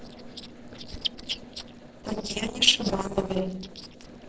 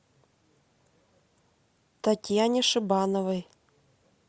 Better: second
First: noise reduction (neural separator model SepFormer DNS4)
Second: none

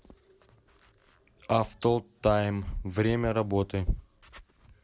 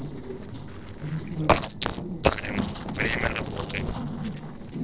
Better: first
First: none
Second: noise reduction (neural separator model SepFormer DNS4)

